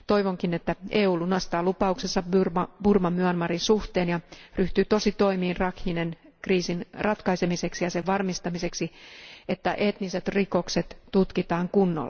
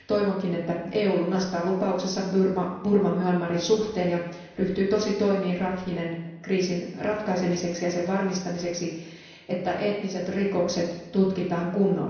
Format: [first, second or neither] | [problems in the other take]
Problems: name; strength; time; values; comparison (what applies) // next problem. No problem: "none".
first | room echo; dies away in 0.9 s